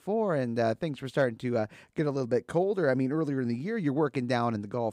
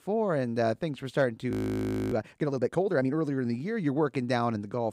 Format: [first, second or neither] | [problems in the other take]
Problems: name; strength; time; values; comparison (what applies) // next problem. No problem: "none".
first | audio freezing; at 1.5 s for 0.5 s